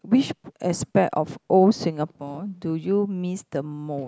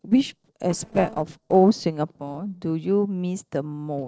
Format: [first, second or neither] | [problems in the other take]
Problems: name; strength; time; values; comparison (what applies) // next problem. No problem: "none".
first | noise reduction (neural separator model SepFormer DNS4)